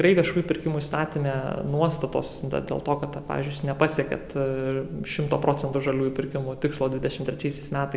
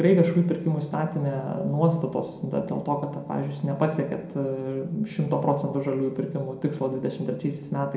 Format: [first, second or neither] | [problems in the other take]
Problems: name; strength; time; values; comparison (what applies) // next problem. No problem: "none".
first | room echo; dies away in 0.4 s